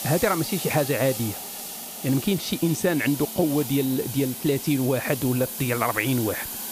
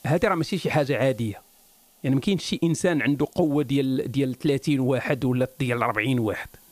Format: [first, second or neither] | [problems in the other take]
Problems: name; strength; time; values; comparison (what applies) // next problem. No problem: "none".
second | hiss; loud; throughout; 7 dB below the speech; faint in the second